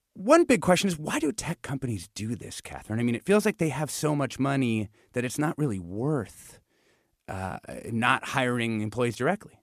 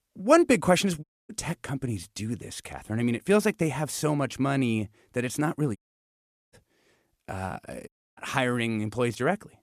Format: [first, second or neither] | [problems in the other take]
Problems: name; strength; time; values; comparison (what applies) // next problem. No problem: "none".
first | audio cutting out; at 1 s, at 6 s for 1 s and at 8 s